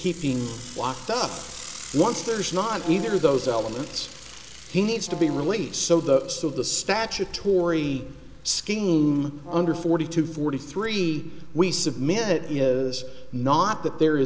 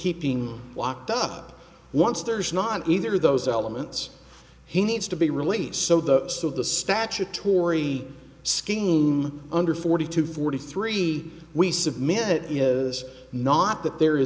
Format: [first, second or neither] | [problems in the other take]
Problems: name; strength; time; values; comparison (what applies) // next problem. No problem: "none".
second | background sound (Mechanisms / Bicycle + Brass instrument); 14 dB below the speech